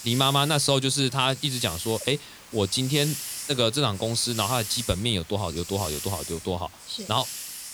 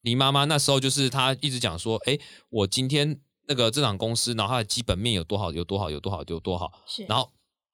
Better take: second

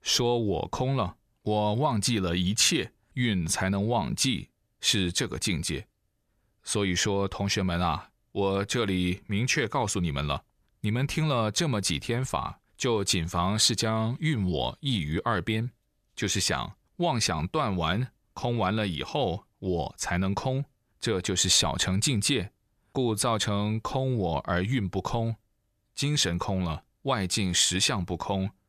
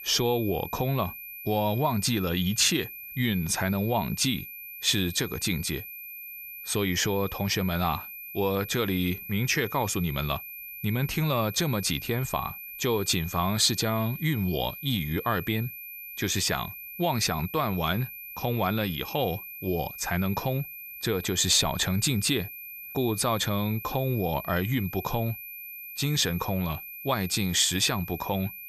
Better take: first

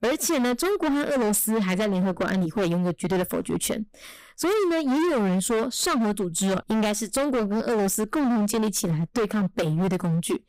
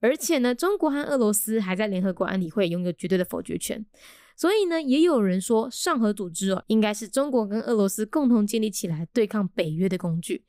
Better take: second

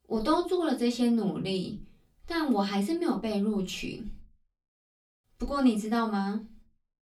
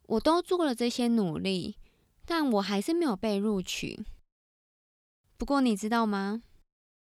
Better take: second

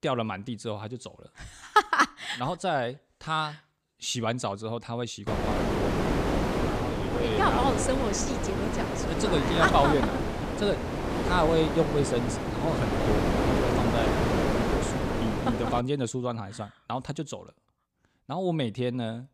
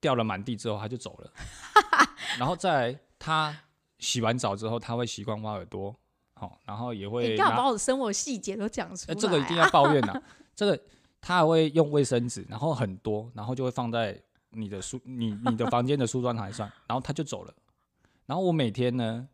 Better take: second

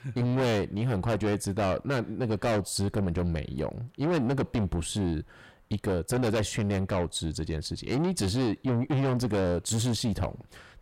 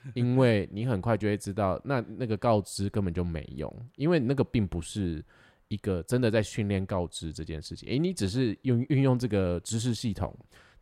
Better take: second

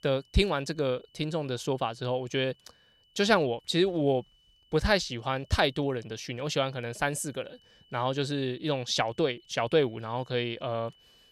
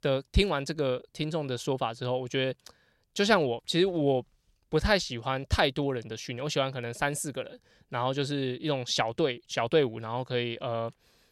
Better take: second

